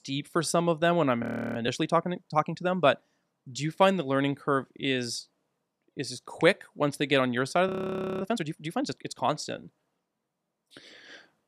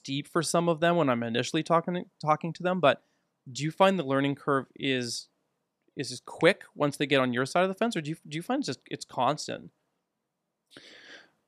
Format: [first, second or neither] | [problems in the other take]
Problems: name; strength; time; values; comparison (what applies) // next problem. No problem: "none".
second | audio freezing; at 1 s and at 7.5 s for 0.5 s